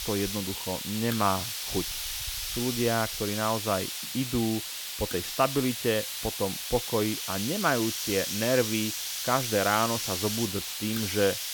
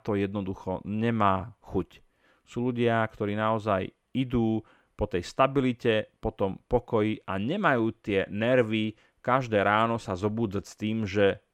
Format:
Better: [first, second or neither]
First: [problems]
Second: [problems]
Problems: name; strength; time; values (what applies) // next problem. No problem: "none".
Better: second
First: hiss; loud; throughout; 2 dB below the speech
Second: none